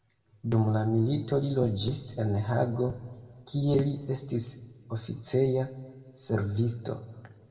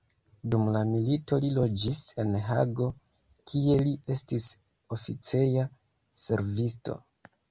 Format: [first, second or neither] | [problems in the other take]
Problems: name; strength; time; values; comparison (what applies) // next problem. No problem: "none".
second | room echo; dies away in 1.2 s